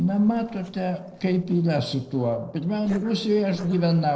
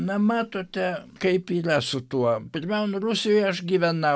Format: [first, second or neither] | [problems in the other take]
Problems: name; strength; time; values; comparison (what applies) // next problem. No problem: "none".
second | noise reduction (neural separator model SepFormer DNS4)